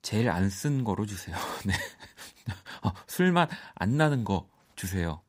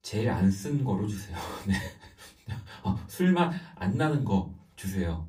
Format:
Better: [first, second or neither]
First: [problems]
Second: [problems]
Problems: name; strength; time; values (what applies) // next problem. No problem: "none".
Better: first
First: none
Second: off-mic speech; far // room echo; very slight; dies away in 0.3 s